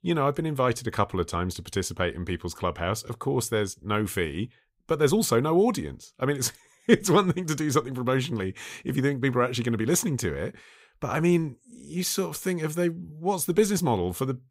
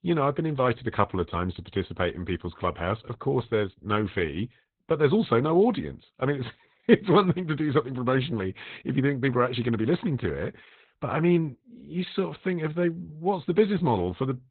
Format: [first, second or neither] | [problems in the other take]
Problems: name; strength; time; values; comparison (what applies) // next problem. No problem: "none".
first | garbled, watery; badly; nothing above 4 kHz